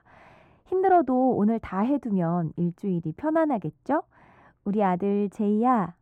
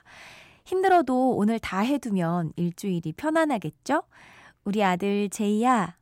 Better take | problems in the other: second | muffled; very; fading above 2 kHz

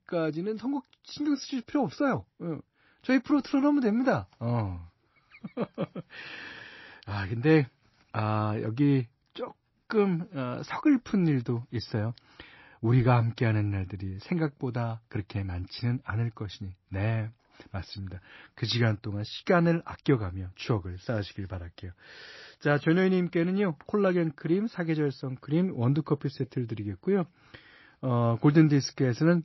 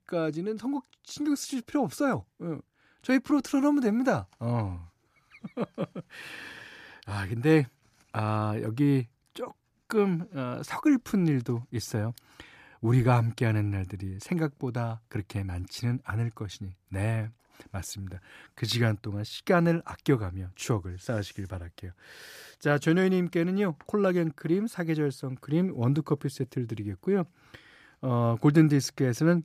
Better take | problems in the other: second | garbled, watery; slightly; nothing above 5.5 kHz

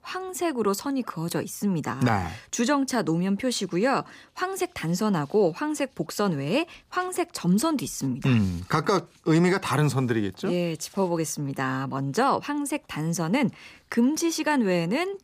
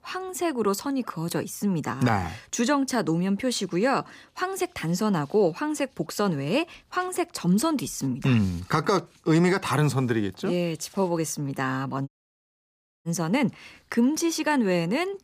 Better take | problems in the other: first | audio cutting out; at 12 s for 1 s

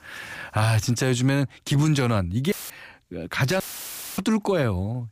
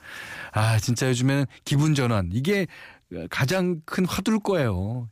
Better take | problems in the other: second | audio cutting out; filled with static; at 2.5 s and at 3.5 s for 0.5 s

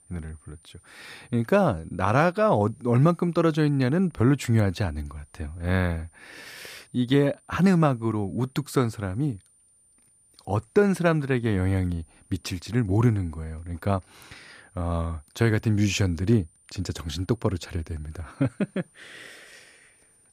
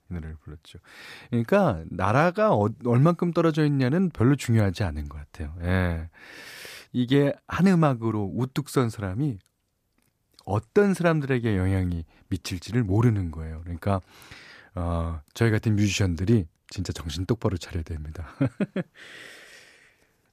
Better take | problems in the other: second | high-pitched whine; faint; throughout; 9 kHz, 30 dB below the speech

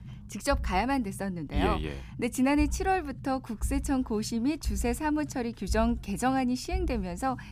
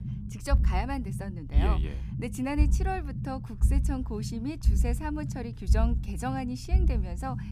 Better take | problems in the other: first | low rumble; loud; throughout; 10 dB below the speech; faint in the first

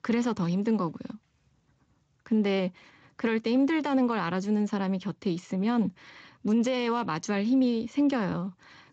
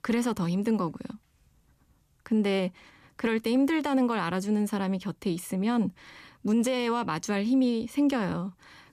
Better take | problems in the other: second | garbled, watery; slightly; nothing above 7.5 kHz

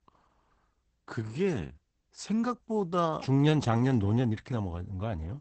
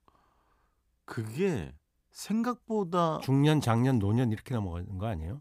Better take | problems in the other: second | garbled, watery; badly; nothing above 8 kHz

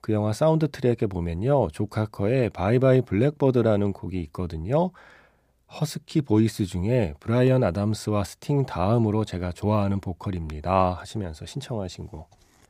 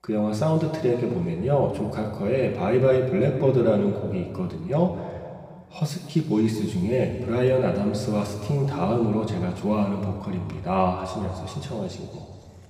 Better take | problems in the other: first | room echo; noticeable; dies away in 2 s // off-mic speech; somewhat distant

